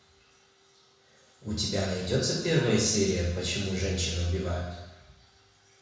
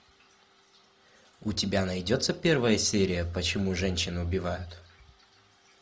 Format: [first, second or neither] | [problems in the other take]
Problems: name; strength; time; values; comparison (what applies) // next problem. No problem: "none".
second | room echo; dies away in 1 s